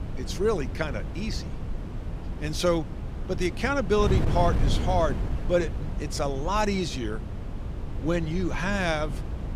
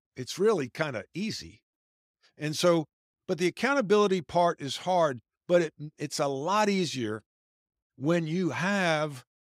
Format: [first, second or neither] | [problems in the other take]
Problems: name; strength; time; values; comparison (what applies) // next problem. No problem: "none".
second | wind noise on the microphone; occasional gusts; 15 dB below the speech